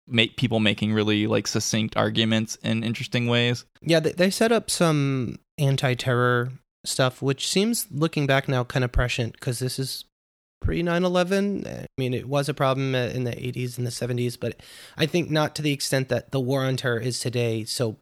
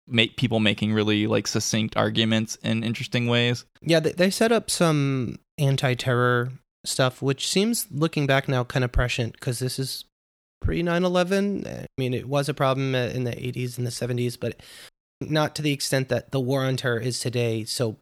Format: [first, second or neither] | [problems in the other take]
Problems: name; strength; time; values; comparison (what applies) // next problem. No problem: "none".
first | audio cutting out; at 15 s